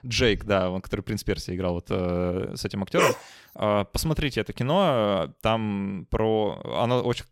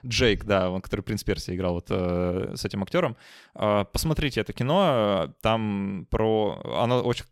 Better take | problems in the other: second | dog barking; loud; at 3 s; peak 2 dB above the speech

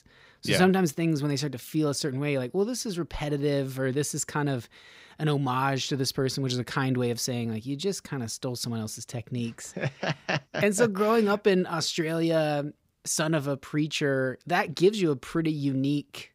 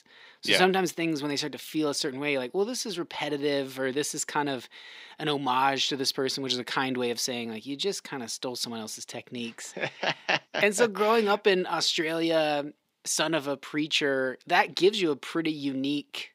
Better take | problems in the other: first | thin; very slightly; fading below 300 Hz

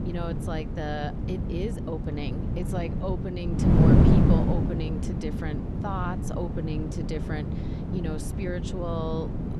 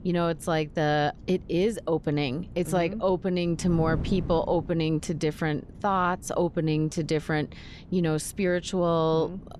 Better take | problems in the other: second | wind noise on the microphone; heavy; 1 dB above the speech; occasional gusts in the second

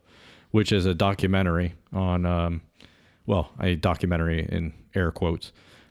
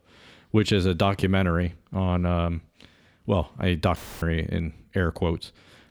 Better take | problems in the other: first | audio cutting out; filled with static; at 4 s

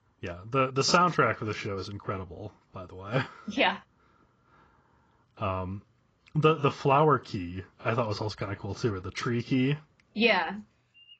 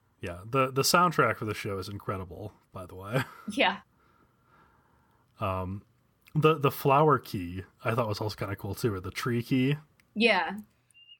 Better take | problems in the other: second | garbled, watery; badly; nothing above 7.5 kHz

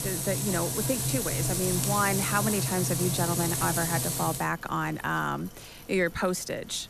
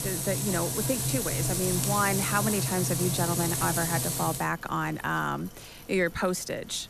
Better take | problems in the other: neither | household noises; very loud; throughout; 2 dB above the speech; the same in both

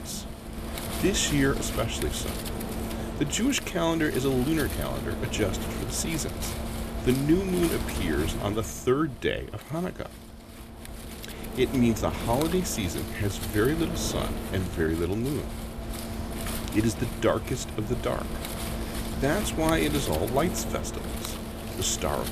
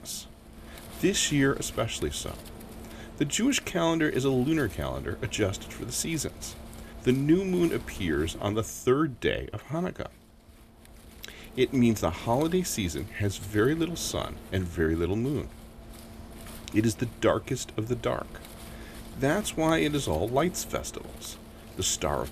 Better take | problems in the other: second | wind noise on the microphone; heavy; 7 dB below the speech; occasional gusts in the second

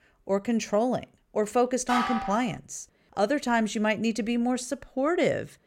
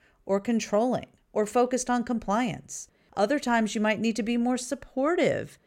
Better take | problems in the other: second | clattering dishes; noticeable; at 2 s; peak 1 dB below the speech

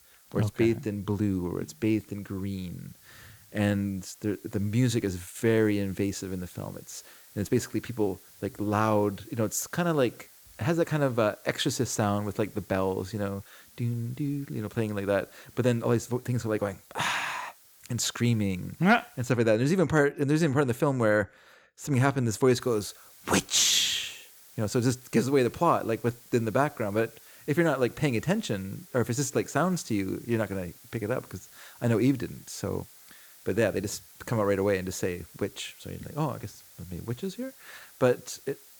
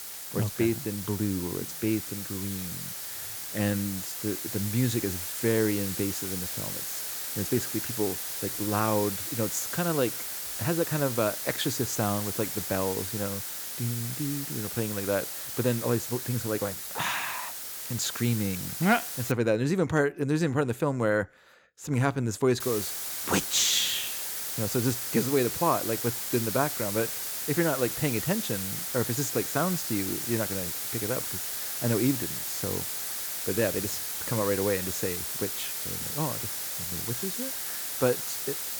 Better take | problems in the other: first | hiss; loud; until 19 s and from 23 s on; 2 dB below the speech; faint in the first

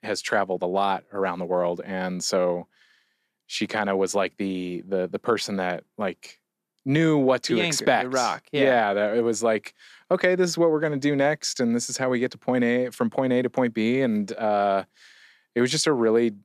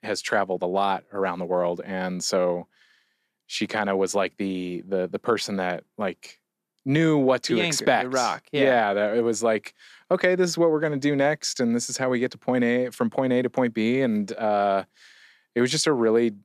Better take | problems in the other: neither | none

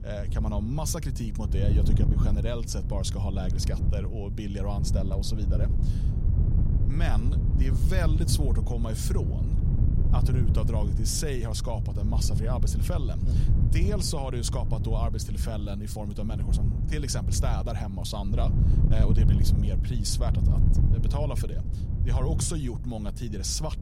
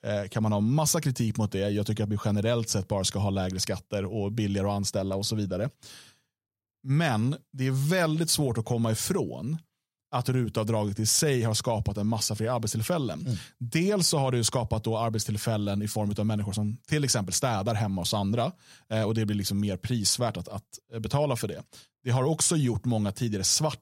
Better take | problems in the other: second | wind noise on the microphone; heavy; 6 dB below the speech

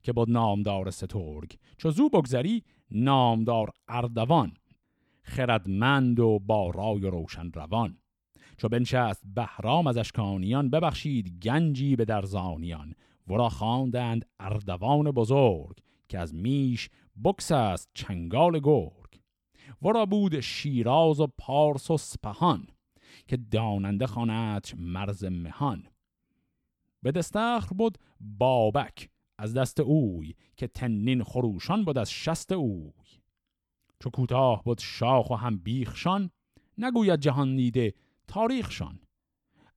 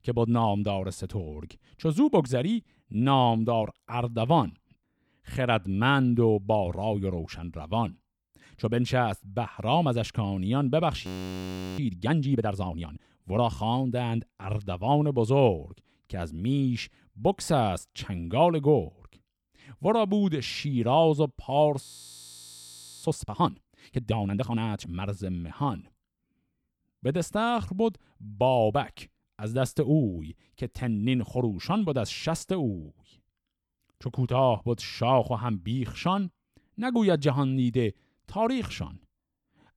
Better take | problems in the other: first | audio freezing; at 11 s for 0.5 s and at 22 s for 1 s

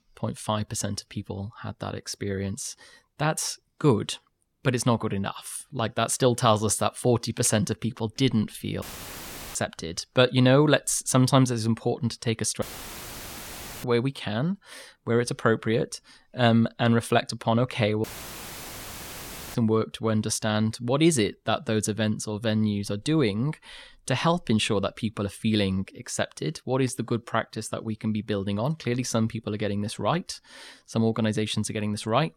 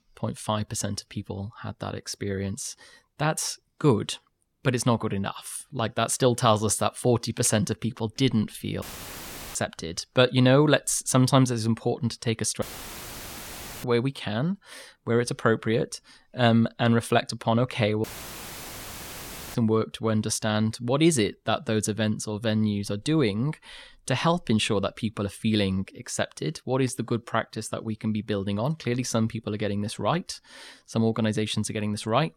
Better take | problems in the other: neither | audio cutting out; filled with static; at 9 s for 0.5 s, at 13 s for 1 s and at 18 s for 1.5 s; the same in both

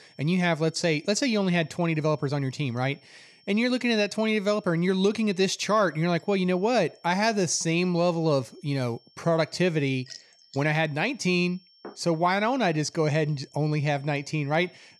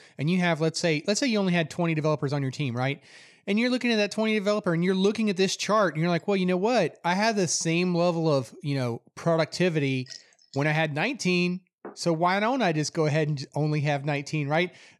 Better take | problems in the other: second | high-pitched whine; faint; throughout; 5.5 kHz, 30 dB below the speech

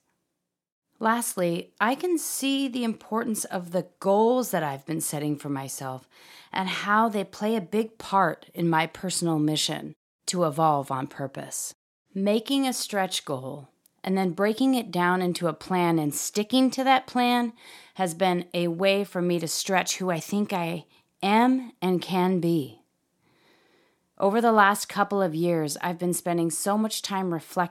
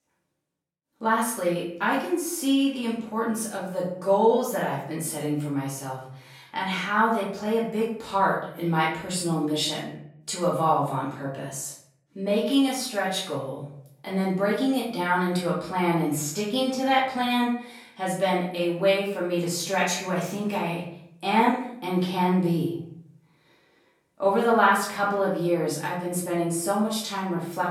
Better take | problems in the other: first | off-mic speech; far // room echo; noticeable; dies away in 0.6 s

